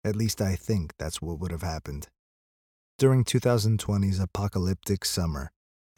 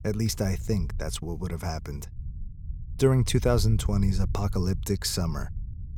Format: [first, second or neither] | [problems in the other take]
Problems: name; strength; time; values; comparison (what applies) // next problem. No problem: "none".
first | low rumble; faint; throughout; 20 dB below the speech